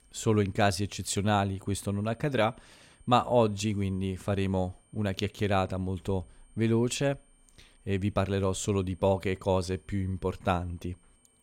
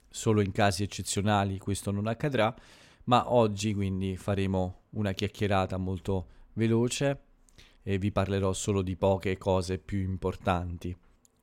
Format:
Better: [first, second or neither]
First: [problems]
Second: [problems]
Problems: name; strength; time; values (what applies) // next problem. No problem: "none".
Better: second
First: high-pitched whine; faint; throughout; 8.5 kHz, 35 dB below the speech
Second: none